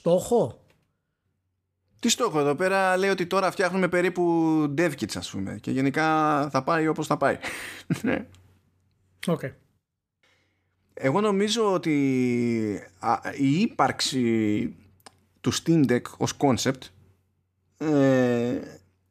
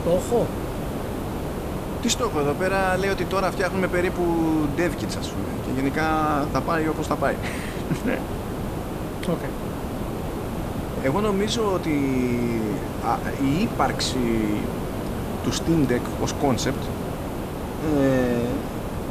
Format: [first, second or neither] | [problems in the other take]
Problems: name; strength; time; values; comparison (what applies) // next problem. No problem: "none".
first | hiss; loud; throughout; 5 dB below the speech